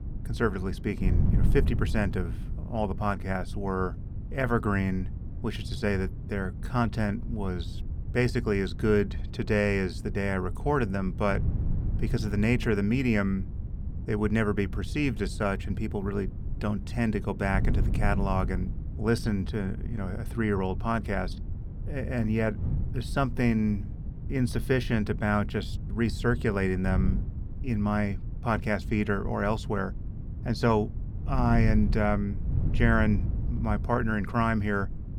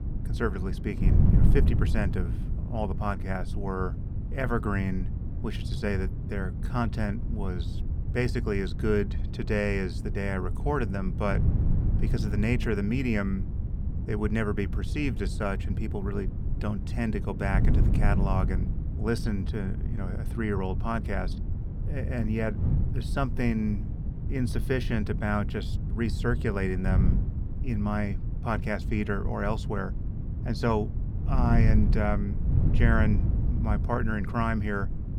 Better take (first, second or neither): first